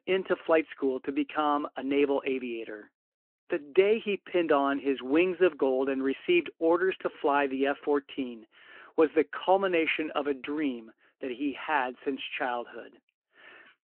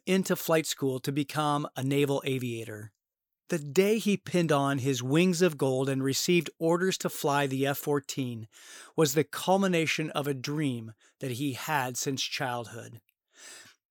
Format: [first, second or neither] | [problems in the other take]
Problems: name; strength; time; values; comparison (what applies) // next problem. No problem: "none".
second | phone-call audio